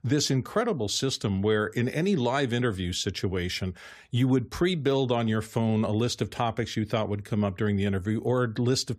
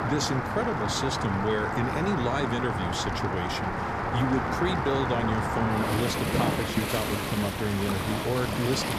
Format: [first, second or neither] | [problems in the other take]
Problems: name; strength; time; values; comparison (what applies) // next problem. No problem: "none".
first | rain or running water; very loud; throughout; 1 dB above the speech